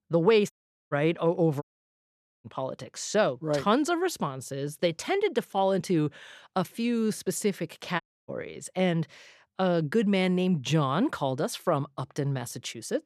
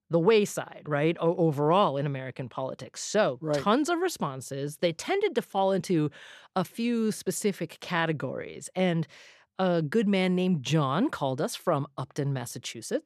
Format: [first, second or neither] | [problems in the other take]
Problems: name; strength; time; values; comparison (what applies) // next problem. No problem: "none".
second | audio cutting out; at 0.5 s, at 1.5 s for 1 s and at 8 s